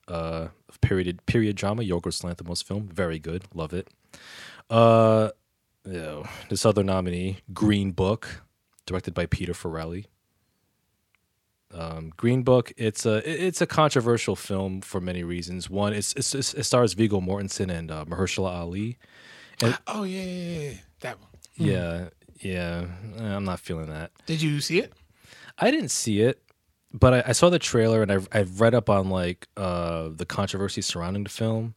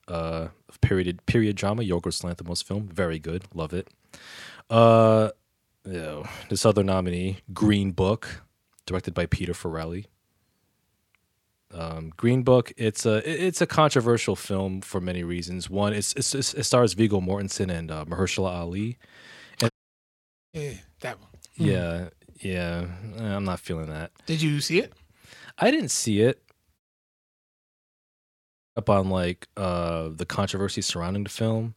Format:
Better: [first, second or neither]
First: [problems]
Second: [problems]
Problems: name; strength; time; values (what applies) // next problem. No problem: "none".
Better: first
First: none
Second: audio cutting out; at 20 s for 1 s and at 27 s for 2 s